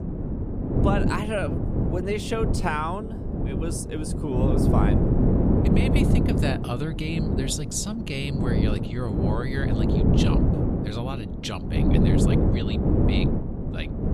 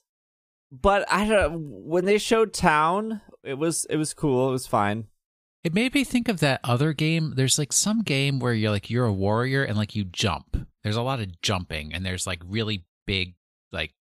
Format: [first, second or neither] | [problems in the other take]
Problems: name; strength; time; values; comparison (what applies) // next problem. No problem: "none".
second | wind noise on the microphone; heavy; 1 dB above the speech